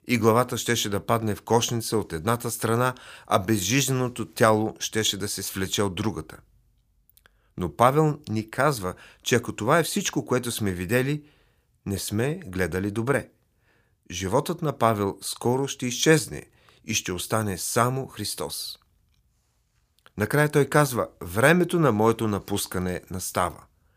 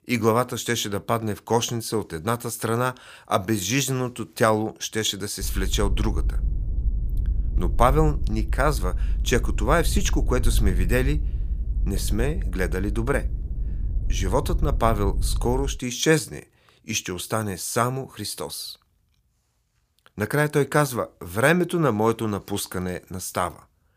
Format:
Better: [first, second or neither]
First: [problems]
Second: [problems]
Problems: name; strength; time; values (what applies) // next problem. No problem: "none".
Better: first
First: none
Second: low rumble; faint; from 5.5 to 16 s; 20 dB below the speech